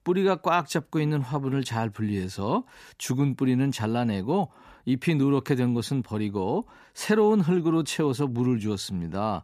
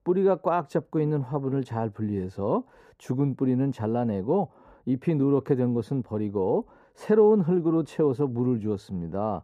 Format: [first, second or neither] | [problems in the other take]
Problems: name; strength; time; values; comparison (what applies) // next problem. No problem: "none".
first | muffled; very; fading above 1.5 kHz